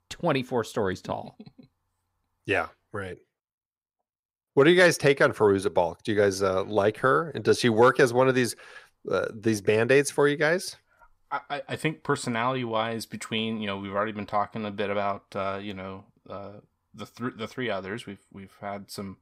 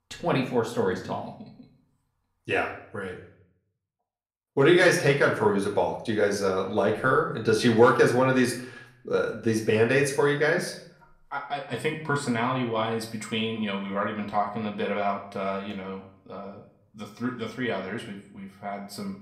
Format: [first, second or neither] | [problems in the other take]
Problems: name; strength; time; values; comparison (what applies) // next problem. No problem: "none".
first | room echo; slight; dies away in 0.5 s // off-mic speech; somewhat distant